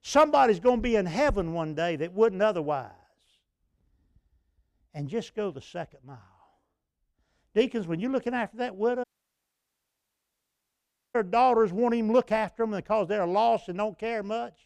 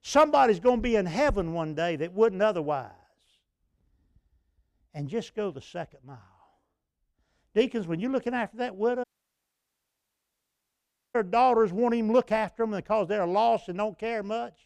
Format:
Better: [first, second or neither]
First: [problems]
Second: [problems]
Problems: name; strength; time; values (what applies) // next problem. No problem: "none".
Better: neither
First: audio cutting out; at 9 s for 2 s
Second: audio cutting out; at 9 s for 2 s